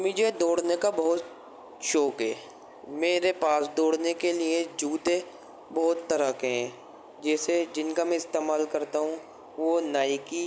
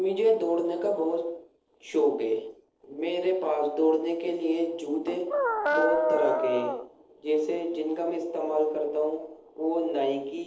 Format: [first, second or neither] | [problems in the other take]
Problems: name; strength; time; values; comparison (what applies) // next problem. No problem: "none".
first | noise reduction (neural separator model SepFormer DNS4)